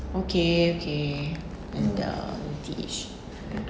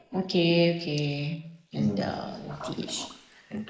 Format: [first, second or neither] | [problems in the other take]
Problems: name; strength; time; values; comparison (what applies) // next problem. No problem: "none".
first | noise reduction (neural mask model Resemble Enhance denoiser)